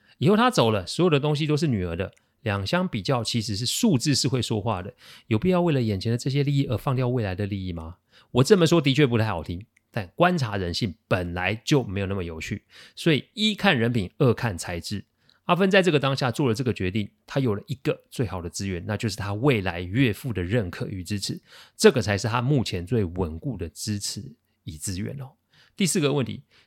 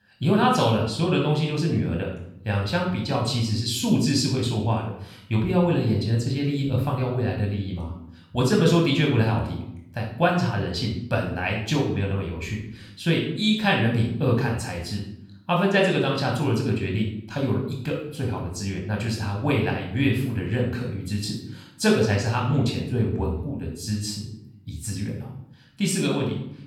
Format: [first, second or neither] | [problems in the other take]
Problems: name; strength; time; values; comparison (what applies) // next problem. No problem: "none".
first | off-mic speech; somewhat distant // room echo; noticeable; dies away in 0.6 s